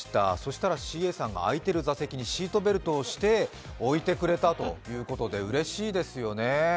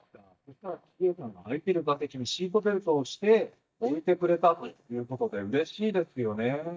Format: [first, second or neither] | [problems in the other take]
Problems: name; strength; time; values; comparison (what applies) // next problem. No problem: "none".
first | noise reduction (neural mask model DeepFilterNet 3)